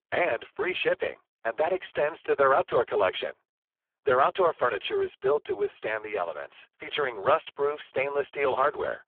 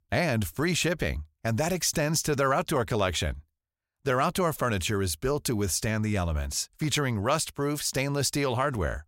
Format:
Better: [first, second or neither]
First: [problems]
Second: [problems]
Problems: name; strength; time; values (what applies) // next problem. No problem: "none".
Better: second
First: phone-call audio; poor line; nothing above 3.5 kHz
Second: none